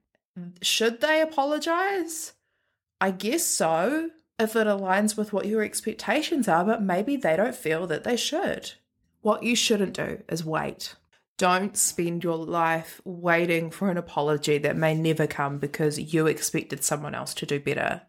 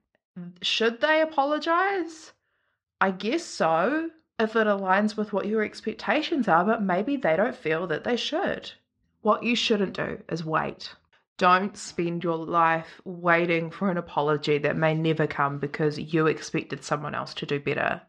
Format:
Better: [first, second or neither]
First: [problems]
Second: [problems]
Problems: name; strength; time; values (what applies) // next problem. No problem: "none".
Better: first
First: none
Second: muffled; slightly; fading above 5 kHz